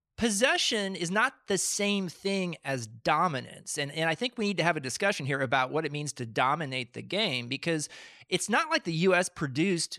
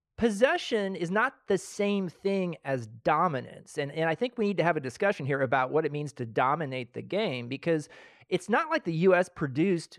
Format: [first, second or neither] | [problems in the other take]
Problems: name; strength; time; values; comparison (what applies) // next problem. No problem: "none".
first | muffled; slightly; fading above 2.5 kHz